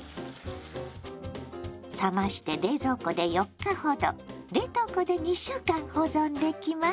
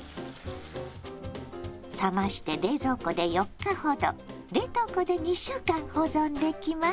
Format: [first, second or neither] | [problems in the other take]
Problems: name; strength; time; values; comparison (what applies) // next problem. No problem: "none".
first | background sound (Wind); 19 dB below the speech